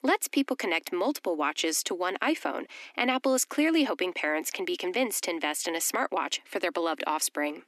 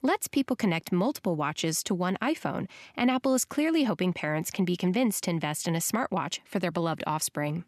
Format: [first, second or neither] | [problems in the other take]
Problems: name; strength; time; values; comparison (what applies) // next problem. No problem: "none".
second | thin; very slightly; fading below 300 Hz